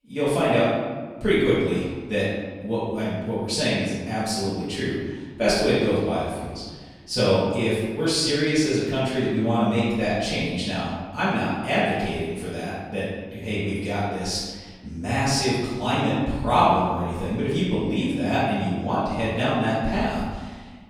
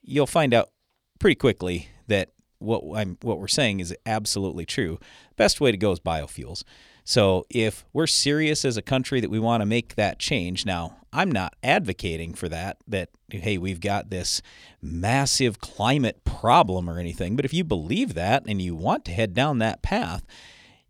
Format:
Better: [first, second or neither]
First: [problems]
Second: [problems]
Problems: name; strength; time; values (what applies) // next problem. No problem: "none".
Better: second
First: off-mic speech; far // room echo; strong; dies away in 1.3 s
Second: none